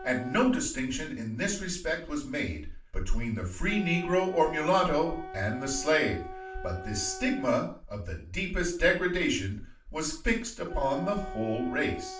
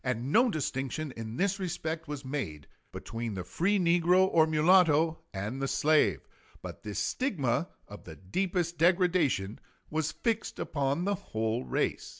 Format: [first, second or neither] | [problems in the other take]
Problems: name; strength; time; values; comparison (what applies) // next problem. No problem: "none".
second | background sound (Wind instrument, woodwind instrument); 15 dB below the speech // room echo; dies away in 0.4 s